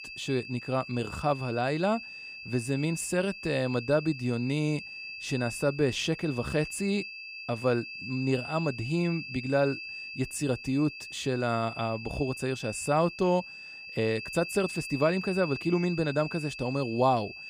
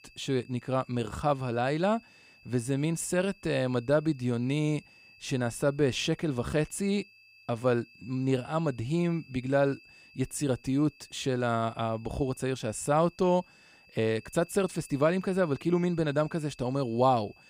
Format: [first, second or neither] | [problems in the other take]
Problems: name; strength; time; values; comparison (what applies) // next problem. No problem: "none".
second | high-pitched whine; loud; throughout; 2.5 kHz, 9 dB below the speech; faint in the second